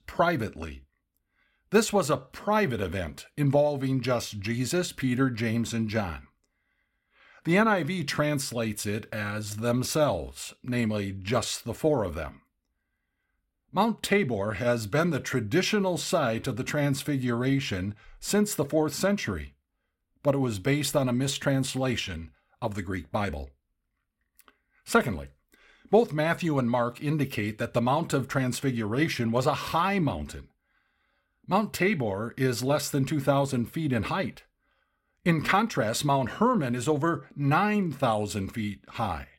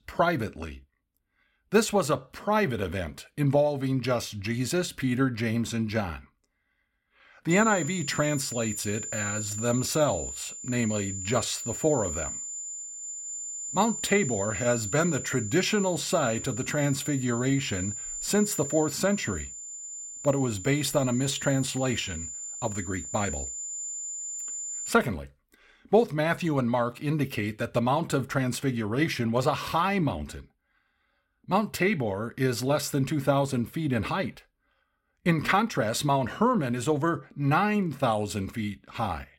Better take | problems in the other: first | high-pitched whine; loud; from 7.5 to 25 s; 7 kHz, 7 dB below the speech

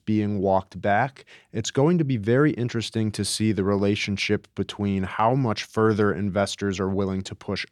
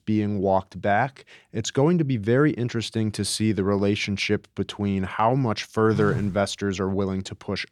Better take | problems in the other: first | phone ringing; noticeable; at 6 s; peak 6 dB below the speech

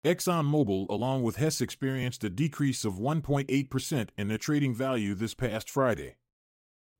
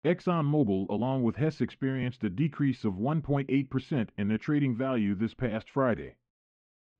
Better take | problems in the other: first | muffled; very; fading above 3 kHz

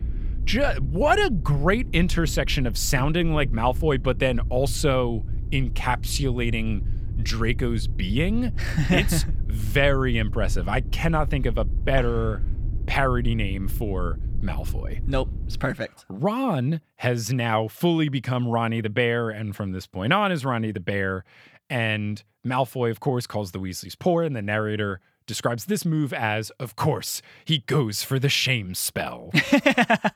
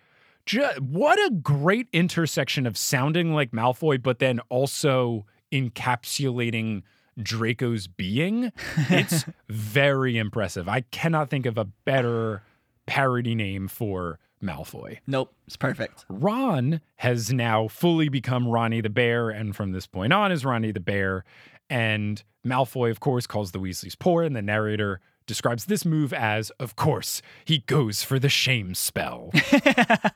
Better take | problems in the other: second | low rumble; faint; until 16 s; 20 dB below the speech

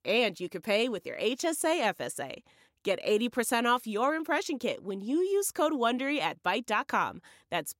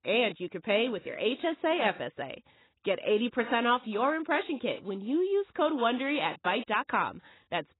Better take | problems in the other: first | garbled, watery; badly; nothing above 4 kHz

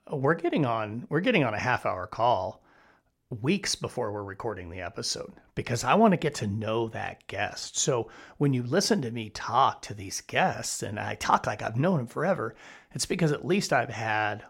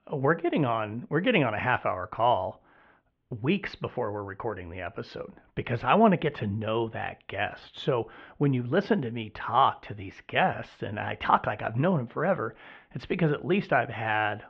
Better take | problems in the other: first | muffled; very; fading above 3 kHz

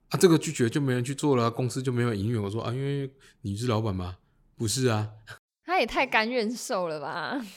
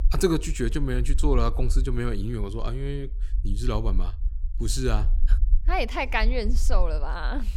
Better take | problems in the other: first | low rumble; faint; throughout; 20 dB below the speech

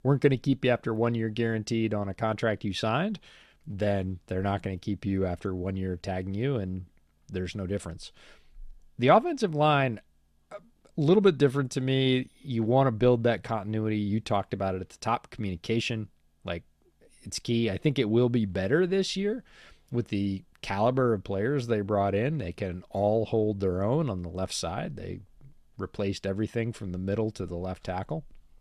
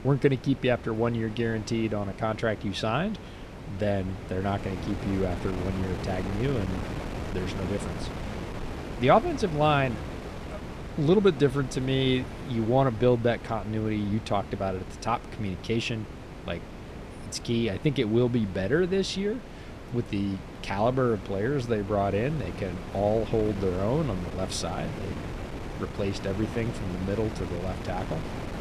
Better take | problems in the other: first | wind noise on the microphone; occasional gusts; 10 dB below the speech

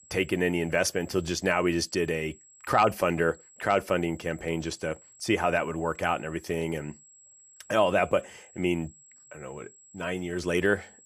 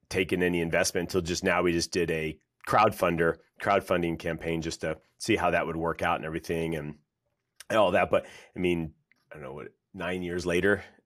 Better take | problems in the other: second | high-pitched whine; faint; throughout; 7.5 kHz, 25 dB below the speech

